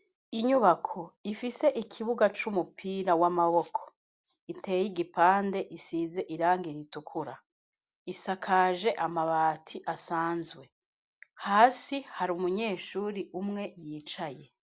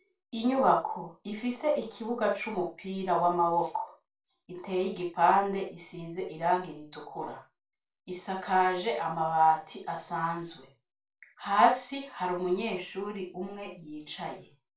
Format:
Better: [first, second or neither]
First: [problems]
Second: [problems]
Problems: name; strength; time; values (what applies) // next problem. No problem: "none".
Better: first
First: none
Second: room echo; dies away in 0.2 s